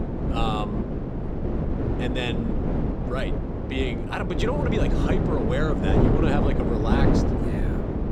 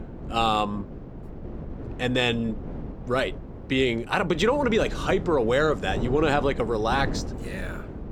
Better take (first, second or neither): second